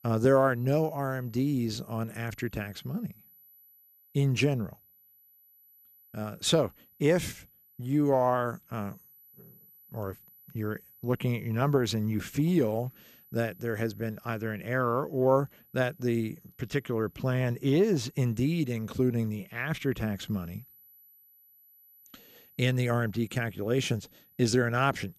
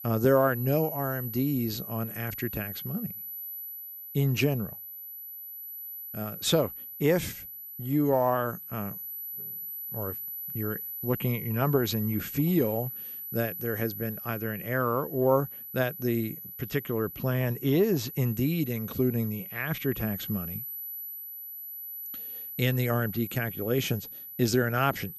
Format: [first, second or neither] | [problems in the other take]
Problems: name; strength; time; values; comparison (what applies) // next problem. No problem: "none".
first | high-pitched whine; loud; throughout; 12 kHz, 8 dB below the speech; faint in the first